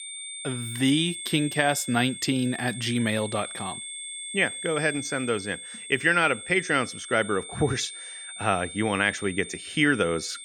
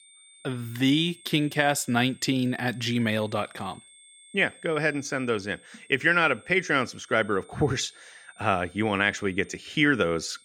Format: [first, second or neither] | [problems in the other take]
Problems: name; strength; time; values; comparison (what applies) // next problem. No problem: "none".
second | high-pitched whine; loud; throughout; 8.5 kHz, 10 dB below the speech; faint in the second